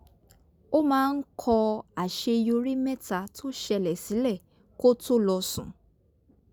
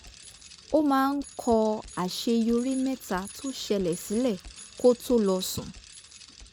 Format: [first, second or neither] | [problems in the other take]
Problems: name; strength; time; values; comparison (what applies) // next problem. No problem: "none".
first | background sound (Bicycle); 19 dB below the speech